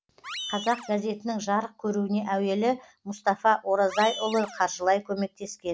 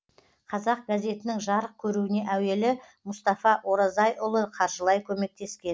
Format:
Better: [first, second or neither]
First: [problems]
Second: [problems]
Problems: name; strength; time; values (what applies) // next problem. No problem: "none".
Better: second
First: background sound (Animal); 14 dB below the speech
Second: none